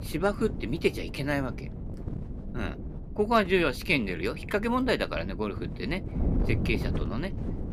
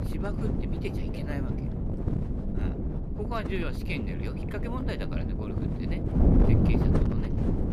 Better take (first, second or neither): first